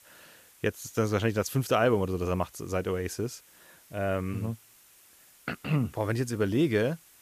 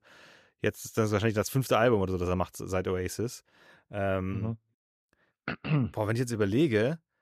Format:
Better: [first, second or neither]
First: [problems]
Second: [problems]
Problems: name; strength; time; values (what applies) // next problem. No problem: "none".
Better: second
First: hiss; faint; throughout; 25 dB below the speech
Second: none